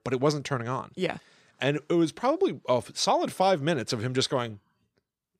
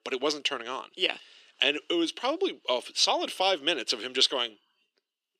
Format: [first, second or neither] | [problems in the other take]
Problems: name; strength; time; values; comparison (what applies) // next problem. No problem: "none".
first | thin; somewhat; fading below 300 Hz